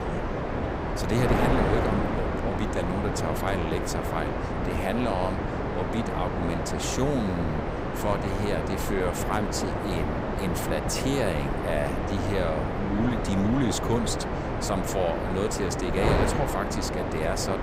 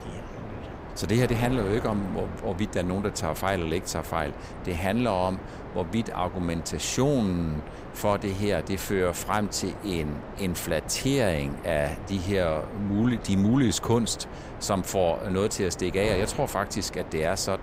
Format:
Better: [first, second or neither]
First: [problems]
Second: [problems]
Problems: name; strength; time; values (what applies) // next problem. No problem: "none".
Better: second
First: wind noise on the microphone; heavy; 1 dB above the speech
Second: wind noise on the microphone; occasional gusts; 10 dB below the speech